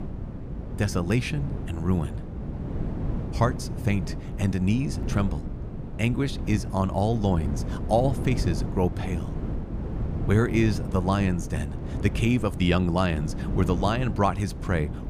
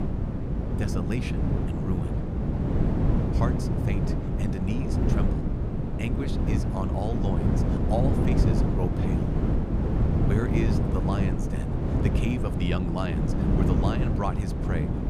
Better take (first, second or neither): first